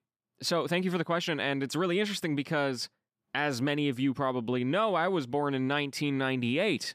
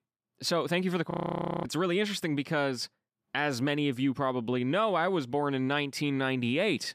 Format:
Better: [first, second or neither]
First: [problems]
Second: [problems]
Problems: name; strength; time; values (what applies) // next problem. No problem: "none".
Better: first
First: none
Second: audio freezing; at 1 s for 0.5 s